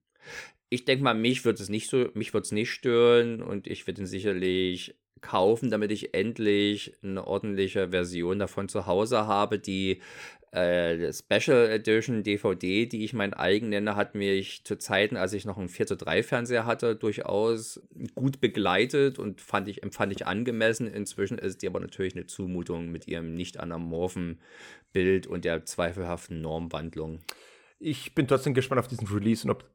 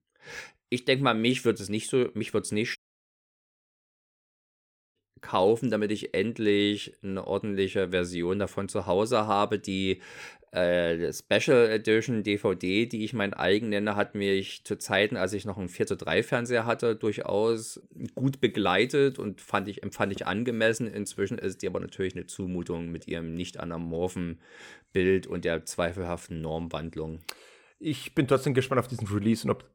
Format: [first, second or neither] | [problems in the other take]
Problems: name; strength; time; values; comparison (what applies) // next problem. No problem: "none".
first | audio cutting out; at 3 s for 2 s